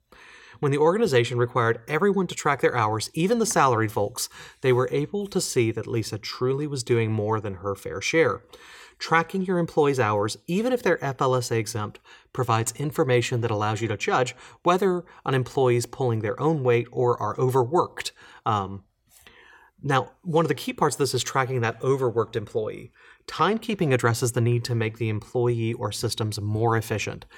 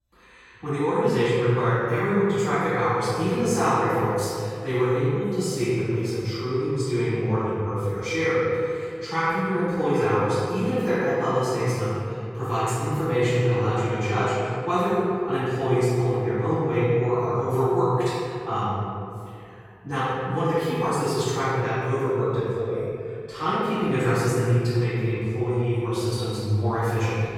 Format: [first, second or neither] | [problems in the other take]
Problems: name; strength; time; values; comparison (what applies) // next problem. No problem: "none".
first | off-mic speech; far // room echo; strong; dies away in 2.4 s